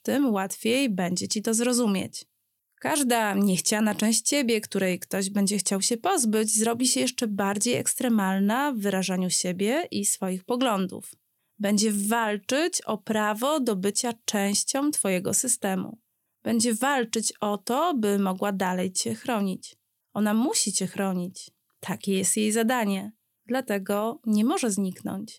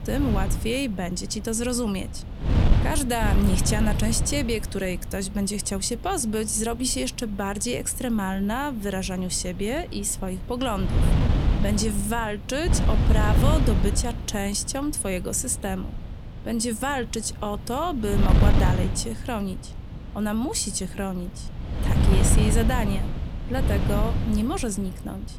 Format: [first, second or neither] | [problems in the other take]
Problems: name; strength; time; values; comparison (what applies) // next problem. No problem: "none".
first | wind noise on the microphone; heavy; 6 dB below the speech